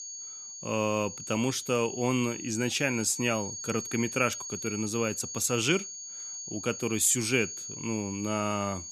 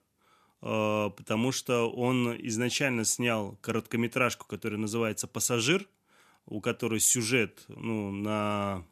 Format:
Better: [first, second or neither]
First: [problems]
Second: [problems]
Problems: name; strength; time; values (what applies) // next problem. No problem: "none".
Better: second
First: high-pitched whine; loud; throughout; 6.5 kHz, 8 dB below the speech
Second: none